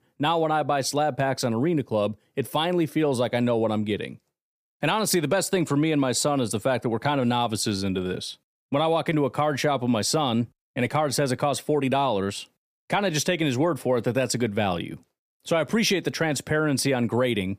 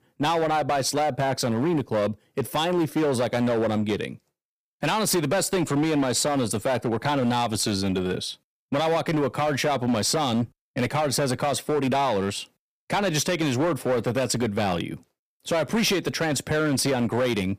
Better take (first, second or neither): first